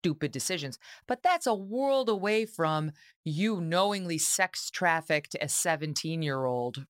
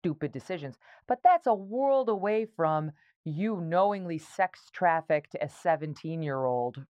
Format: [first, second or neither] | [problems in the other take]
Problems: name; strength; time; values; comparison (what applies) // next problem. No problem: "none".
first | muffled; very; fading above 3.5 kHz